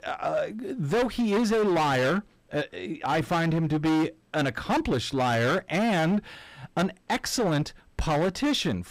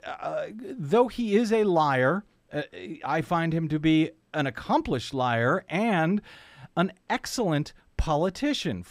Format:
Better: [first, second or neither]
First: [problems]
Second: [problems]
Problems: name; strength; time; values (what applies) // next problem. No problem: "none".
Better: second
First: distortion; heavy; 18% of the sound clipped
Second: none